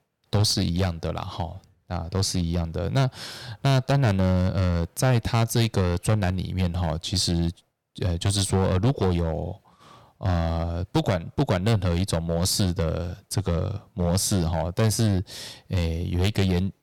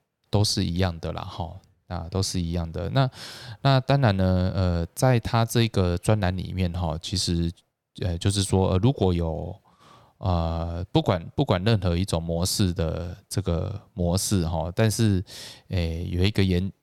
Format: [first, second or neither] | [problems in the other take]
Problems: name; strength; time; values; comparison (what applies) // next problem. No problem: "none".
second | distortion; slight; 6% of the sound clipped